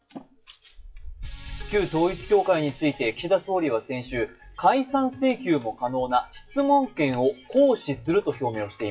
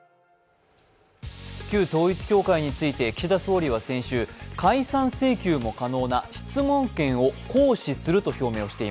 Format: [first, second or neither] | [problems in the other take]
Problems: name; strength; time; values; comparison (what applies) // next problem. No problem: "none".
second | noise reduction (classical method WPE with log-MMSE)